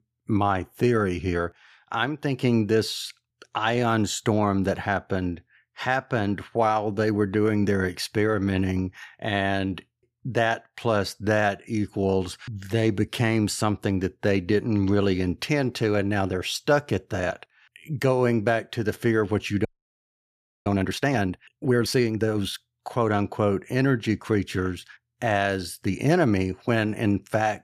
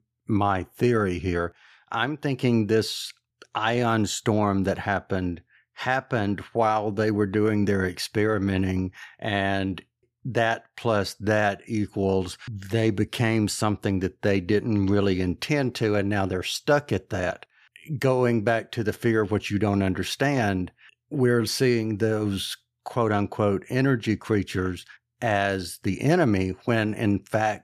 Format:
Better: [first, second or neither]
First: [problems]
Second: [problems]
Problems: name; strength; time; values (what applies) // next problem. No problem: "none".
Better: second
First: audio freezing; at 20 s for 1 s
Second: none